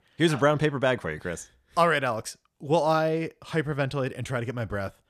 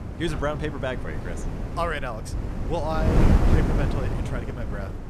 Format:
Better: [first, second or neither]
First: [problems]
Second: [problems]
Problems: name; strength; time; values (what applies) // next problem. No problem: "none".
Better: first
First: none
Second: wind noise on the microphone; heavy; 3 dB below the speech